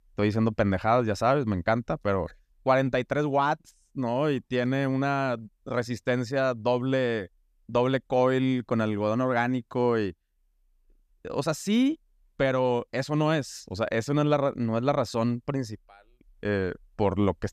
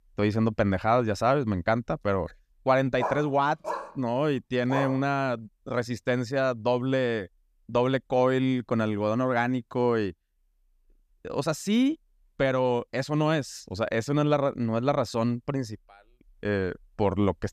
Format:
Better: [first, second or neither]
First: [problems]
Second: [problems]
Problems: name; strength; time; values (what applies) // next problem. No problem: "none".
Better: first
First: none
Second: dog barking; noticeable; from 3 to 5 s; peak 6 dB below the speech